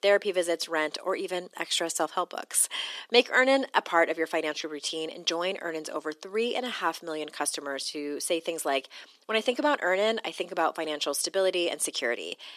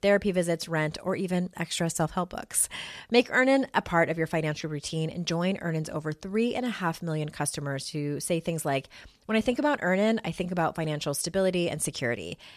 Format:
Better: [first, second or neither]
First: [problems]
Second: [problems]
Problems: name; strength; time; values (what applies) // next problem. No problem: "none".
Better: second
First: thin; somewhat; fading below 300 Hz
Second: none